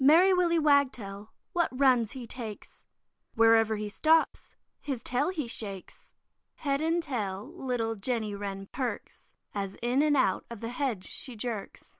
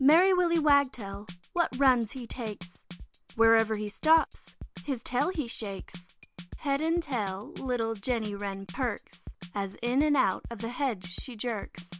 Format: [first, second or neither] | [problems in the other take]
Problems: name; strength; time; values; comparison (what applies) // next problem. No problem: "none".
first | background sound (Drum kit); 16 dB below the speech